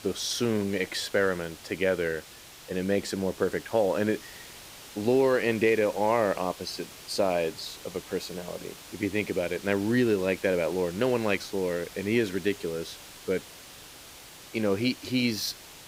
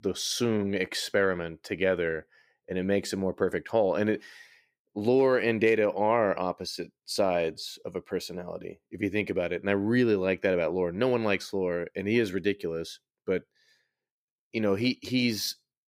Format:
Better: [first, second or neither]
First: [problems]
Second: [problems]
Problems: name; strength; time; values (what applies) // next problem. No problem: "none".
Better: second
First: hiss; noticeable; throughout; 15 dB below the speech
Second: none